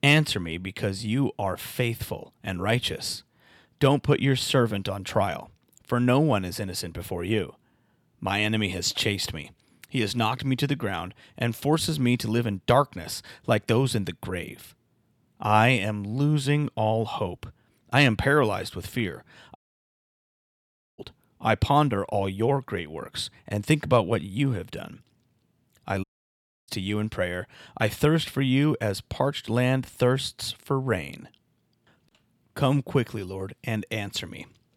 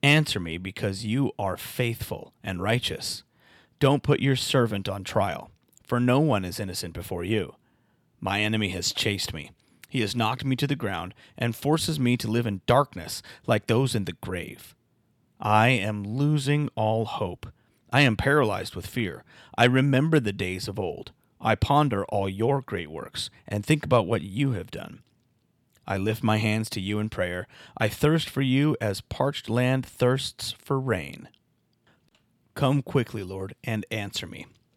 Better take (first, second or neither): second